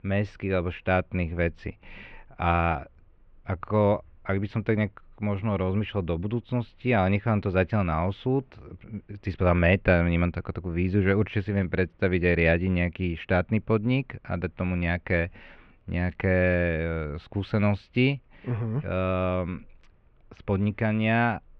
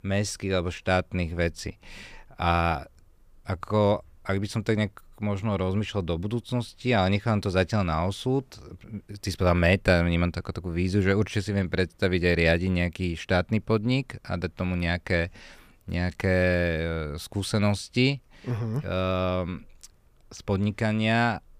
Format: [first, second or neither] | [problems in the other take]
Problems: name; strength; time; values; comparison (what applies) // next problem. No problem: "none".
second | muffled; very; fading above 2.5 kHz